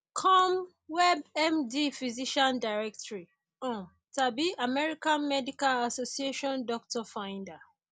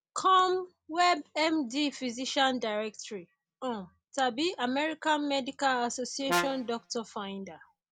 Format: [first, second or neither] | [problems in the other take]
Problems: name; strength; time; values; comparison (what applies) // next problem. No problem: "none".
first | background sound (Brass instrument); 5 dB below the speech